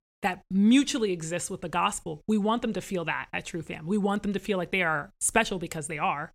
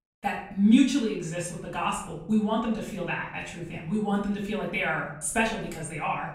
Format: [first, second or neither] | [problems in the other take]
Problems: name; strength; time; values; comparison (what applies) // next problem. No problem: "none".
first | off-mic speech; far // room echo; noticeable; dies away in 0.7 s